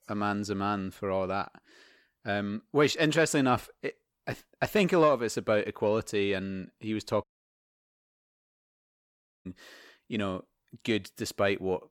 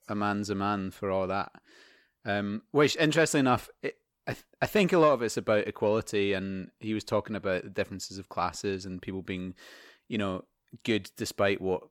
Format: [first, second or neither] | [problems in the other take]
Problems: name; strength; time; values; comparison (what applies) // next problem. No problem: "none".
second | audio cutting out; at 7 s for 2 s